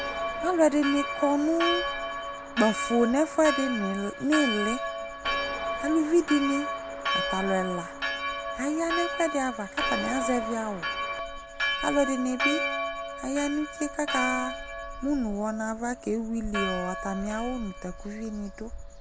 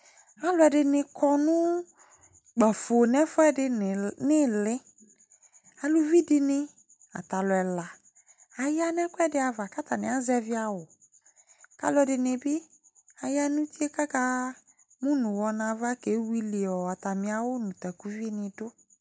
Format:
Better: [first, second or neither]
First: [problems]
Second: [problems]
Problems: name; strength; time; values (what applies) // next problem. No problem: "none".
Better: second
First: background sound (Church bell); 4 dB below the speech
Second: none